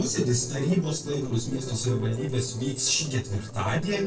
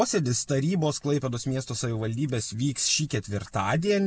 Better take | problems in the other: second | noise reduction (neural separator model SepFormer DNS4)

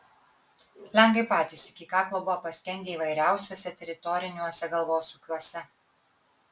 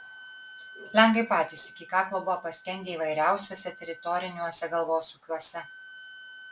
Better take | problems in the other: first | background sound (Wind instrument, woodwind instrument); 20 dB below the speech

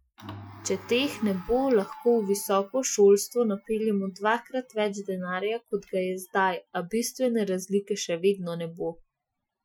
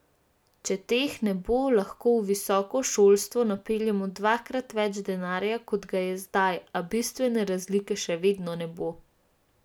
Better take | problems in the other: second | noise reduction (classical method Wiener filter)

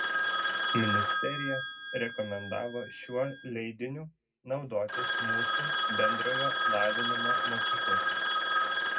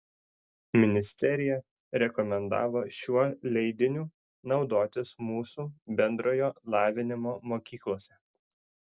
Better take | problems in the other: second | background sound (Telephone); 5 dB above the speech // room echo; dies away in 0.3 s

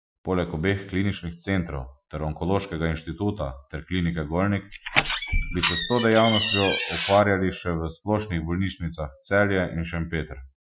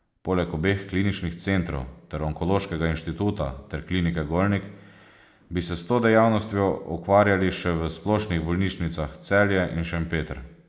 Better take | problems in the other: second | noise reduction (classical method Wiener filter)

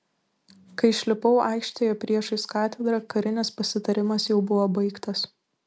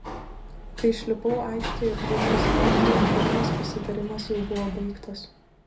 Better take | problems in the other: first | background sound (Sliding door); 3 dB above the speech // room echo; dies away in 0.3 s

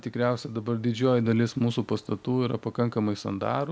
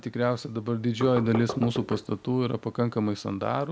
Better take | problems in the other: first | background sound (Knock); 8 dB below the speech

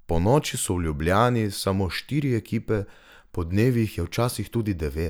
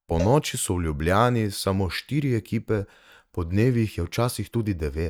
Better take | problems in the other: first | noise reduction (neural mask model RNNoise)

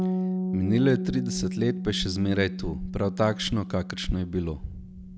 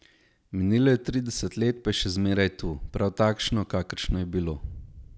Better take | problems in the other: second | background sound (Bass guitar); 5 dB below the speech

